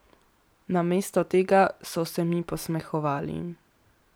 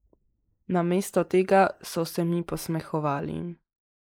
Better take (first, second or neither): first